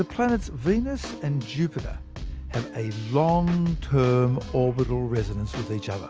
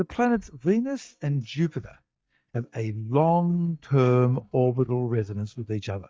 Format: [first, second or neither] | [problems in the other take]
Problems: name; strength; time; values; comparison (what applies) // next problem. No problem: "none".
first | noise reduction (neural mask model DeepFilterNet 3)